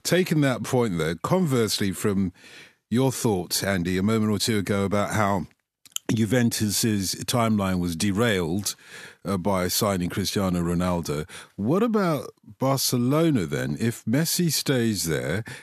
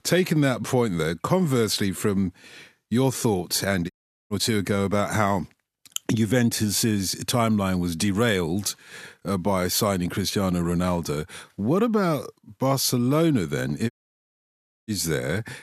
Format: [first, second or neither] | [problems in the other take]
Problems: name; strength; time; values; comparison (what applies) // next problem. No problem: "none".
first | audio cutting out; at 4 s and at 14 s for 1 s